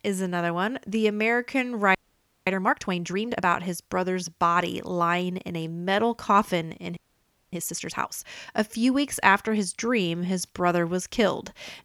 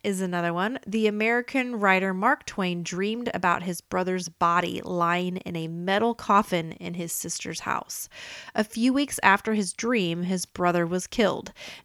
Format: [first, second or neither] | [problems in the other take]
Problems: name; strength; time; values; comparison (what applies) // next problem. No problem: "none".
second | audio freezing; at 2 s for 0.5 s and at 7 s for 0.5 s